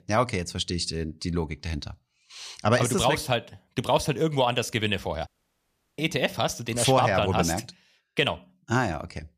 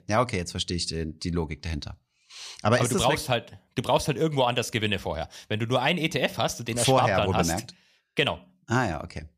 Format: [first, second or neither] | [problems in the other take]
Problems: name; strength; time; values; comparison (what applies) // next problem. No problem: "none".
second | audio cutting out; at 5.5 s for 0.5 s